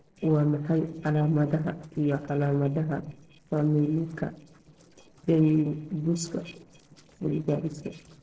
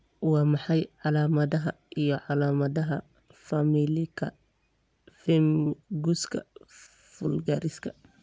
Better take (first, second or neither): second